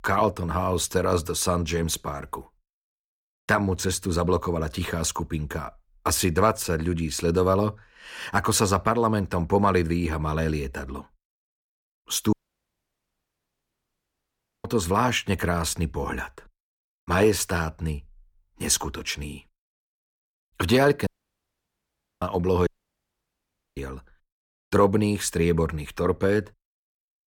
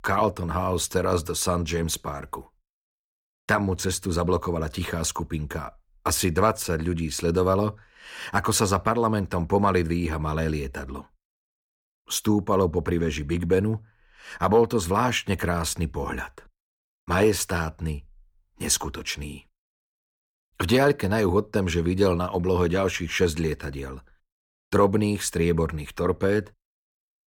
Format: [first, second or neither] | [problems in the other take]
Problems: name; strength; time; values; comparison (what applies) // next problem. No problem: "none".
second | audio cutting out; at 12 s for 2.5 s, at 21 s for 1 s and at 23 s for 1 s